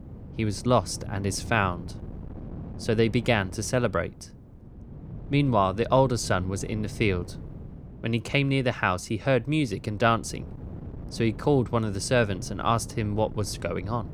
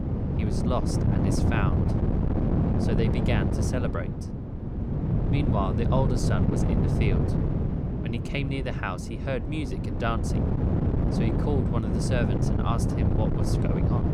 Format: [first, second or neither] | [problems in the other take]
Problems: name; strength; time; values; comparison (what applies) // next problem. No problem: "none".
first | wind noise on the microphone; heavy; 1 dB below the speech; occasional gusts in the first